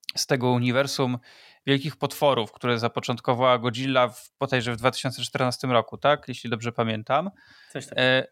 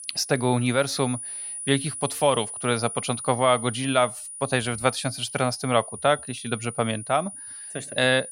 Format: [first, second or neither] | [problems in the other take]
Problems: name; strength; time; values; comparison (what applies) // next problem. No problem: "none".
first | high-pitched whine; loud; throughout; 9.5 kHz, 9 dB below the speech